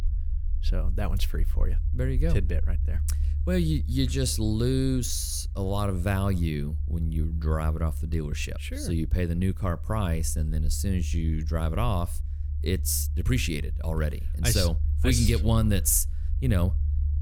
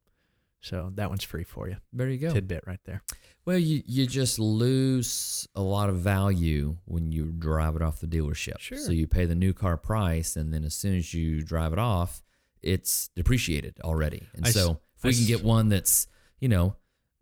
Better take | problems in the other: second | low rumble; noticeable; throughout; 15 dB below the speech

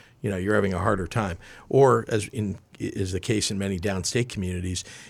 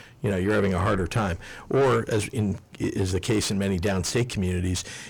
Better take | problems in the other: first | distortion; heavy; 7 dB below the speech

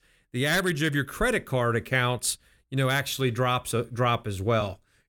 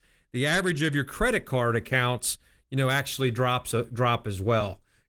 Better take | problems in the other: first | garbled, watery; slightly; nothing above 18.5 kHz

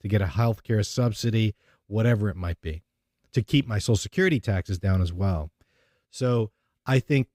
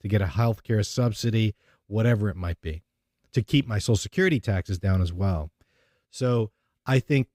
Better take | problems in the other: neither | none

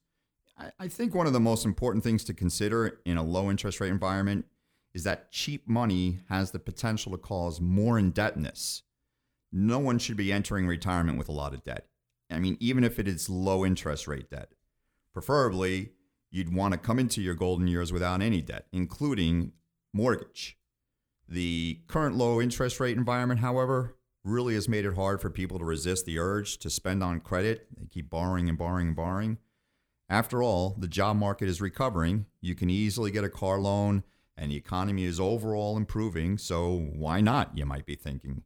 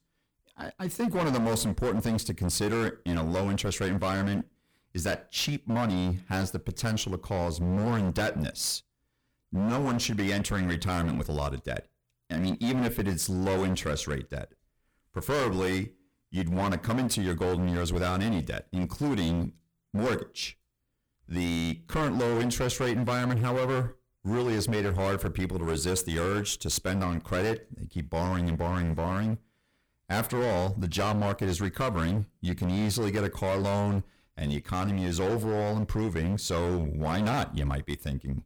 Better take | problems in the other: first | distortion; heavy; 19% of the sound clipped

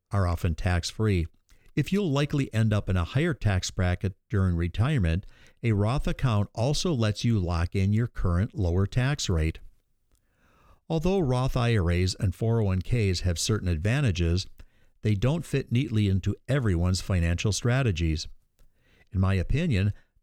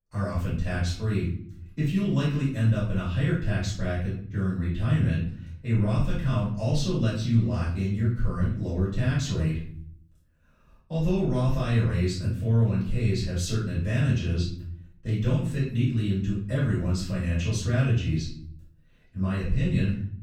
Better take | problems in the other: first | off-mic speech; far // room echo; noticeable; dies away in 0.6 s

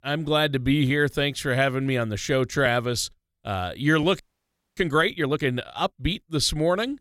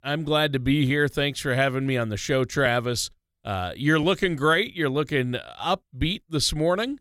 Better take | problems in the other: second | audio freezing; at 4 s for 0.5 s

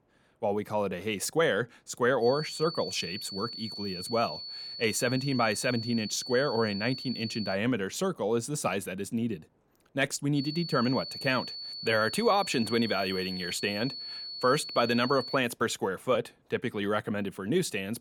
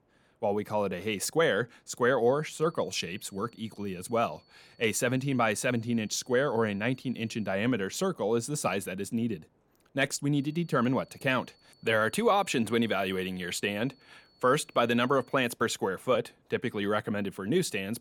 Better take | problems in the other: second | high-pitched whine; loud; from 2 to 7.5 s and from 10 to 15 s; 4.5 kHz, 8 dB below the speech; faint in the second

